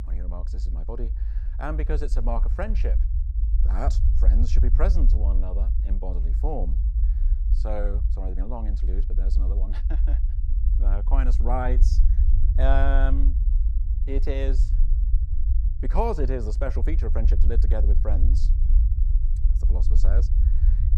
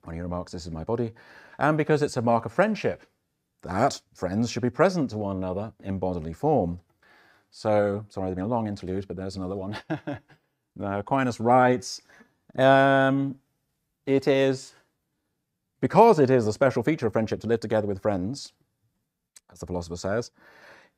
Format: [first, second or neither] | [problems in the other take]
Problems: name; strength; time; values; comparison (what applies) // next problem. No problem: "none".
second | low rumble; noticeable; throughout; 10 dB below the speech